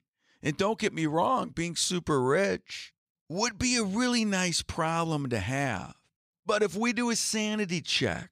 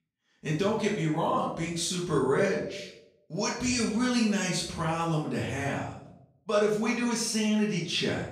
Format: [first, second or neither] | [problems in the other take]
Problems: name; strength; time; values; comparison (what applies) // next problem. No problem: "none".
first | off-mic speech; far // room echo; noticeable; dies away in 0.6 s